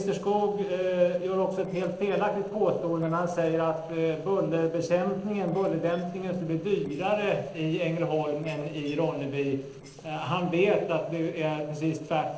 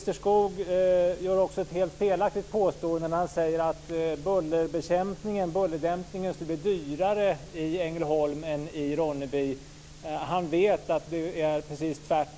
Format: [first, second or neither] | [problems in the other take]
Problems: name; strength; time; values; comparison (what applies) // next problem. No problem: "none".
second | noise reduction (neural separator model SepFormer DNS4)